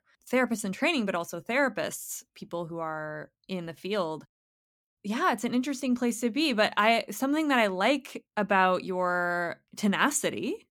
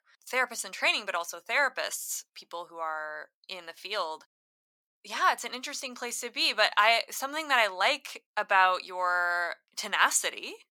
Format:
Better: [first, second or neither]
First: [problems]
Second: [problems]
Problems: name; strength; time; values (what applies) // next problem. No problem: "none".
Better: first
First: none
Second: thin; very; fading below 900 Hz